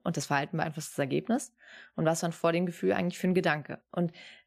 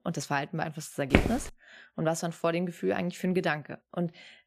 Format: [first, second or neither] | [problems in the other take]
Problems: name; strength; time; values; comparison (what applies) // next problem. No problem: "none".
first | footsteps; loud; at 1 s; peak 5 dB above the speech